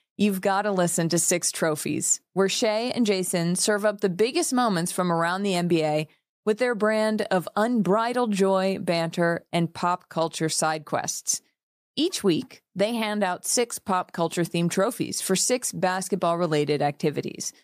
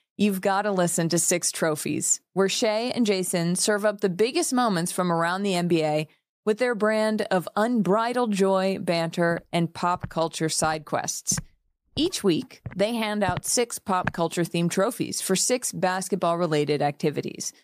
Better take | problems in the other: first | footsteps; noticeable; from 9.5 to 14 s; peak 9 dB below the speech

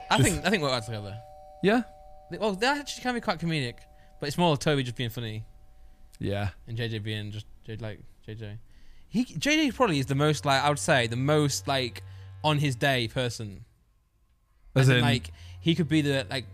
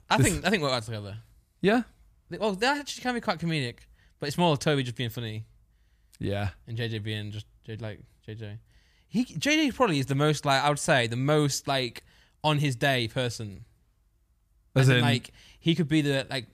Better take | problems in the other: second | alarms or sirens; faint; throughout; 20 dB below the speech

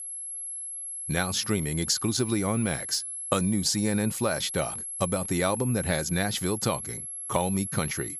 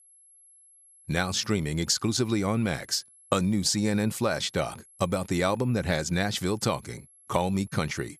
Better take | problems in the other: second | high-pitched whine; loud; throughout; 11 kHz, 6 dB below the speech; faint in the second

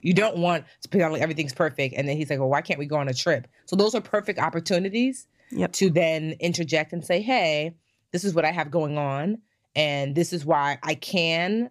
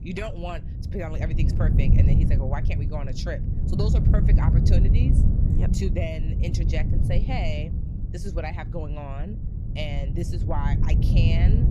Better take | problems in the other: first | wind noise on the microphone; heavy; 2 dB below the speech

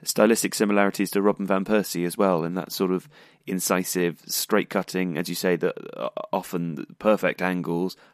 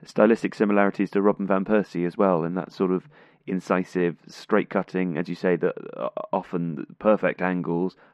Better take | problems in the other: first | muffled; very; fading above 2 kHz

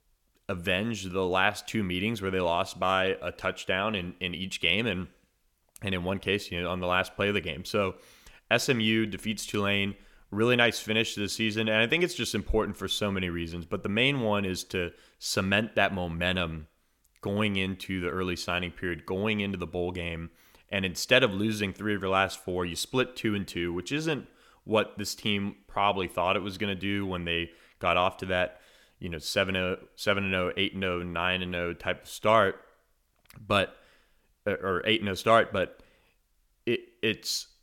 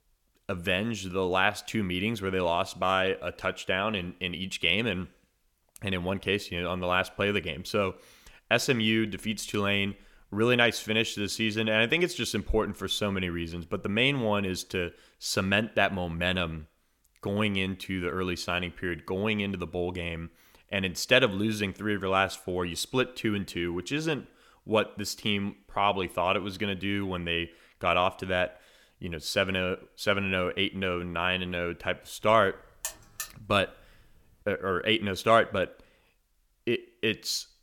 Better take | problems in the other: first | alarm; noticeable; at 32 s; peak 7 dB below the speech

